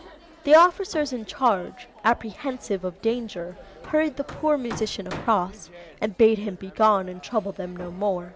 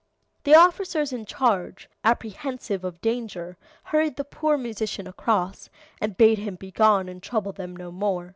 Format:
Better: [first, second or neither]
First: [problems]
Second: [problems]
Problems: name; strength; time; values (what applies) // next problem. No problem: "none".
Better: second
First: background sound (Hammer + Chatter); 18 dB below the speech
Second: none